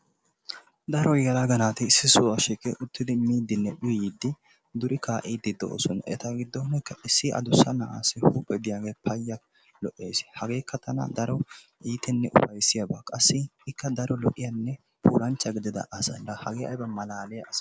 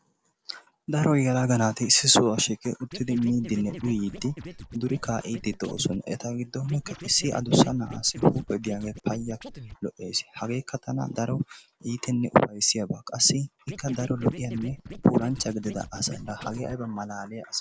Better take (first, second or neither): first